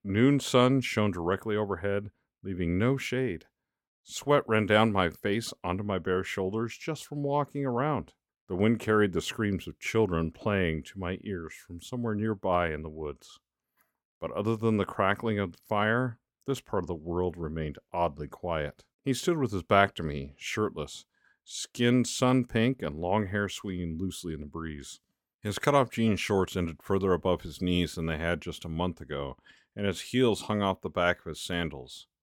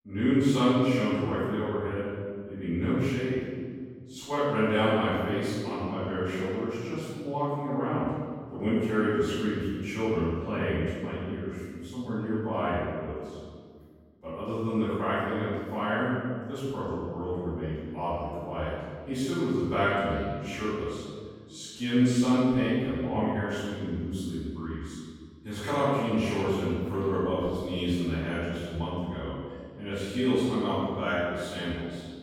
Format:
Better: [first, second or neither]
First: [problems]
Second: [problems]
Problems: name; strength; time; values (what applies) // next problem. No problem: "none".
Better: first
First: none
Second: off-mic speech; far // room echo; strong; dies away in 1.8 s